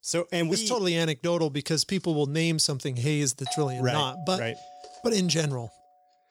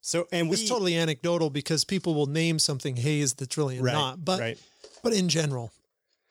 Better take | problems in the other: second | doorbell; noticeable; from 3.5 to 5.5 s; peak 9 dB below the speech

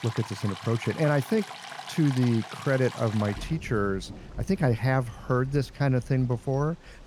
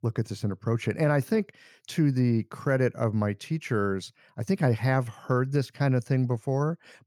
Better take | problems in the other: second | rain or running water; noticeable; throughout; 15 dB below the speech

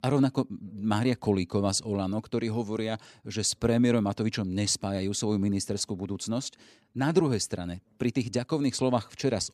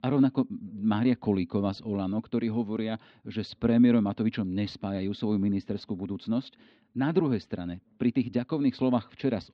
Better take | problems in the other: first | muffled; slightly; fading above 4 kHz

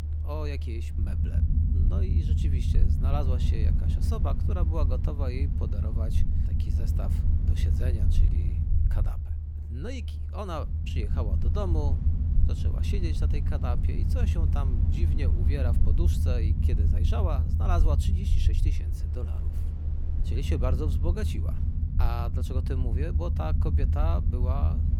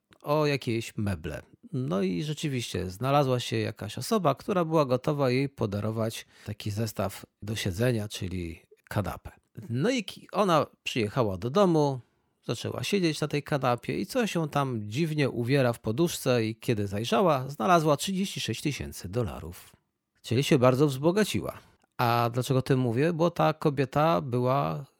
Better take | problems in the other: second | low rumble; loud; throughout; 4 dB below the speech

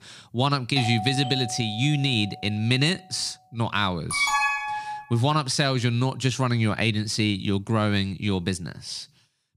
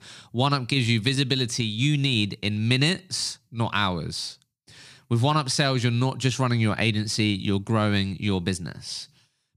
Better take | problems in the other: second | doorbell; noticeable; from 1 to 2.5 s; peak 6 dB below the speech // alarm; loud; at 4 s; peak 3 dB above the speech

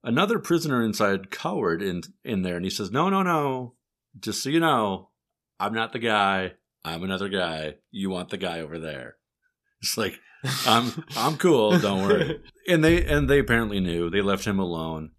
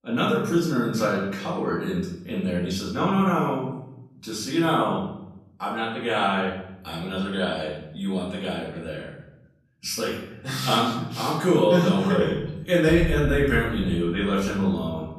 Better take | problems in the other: first | off-mic speech; far // room echo; noticeable; dies away in 0.9 s

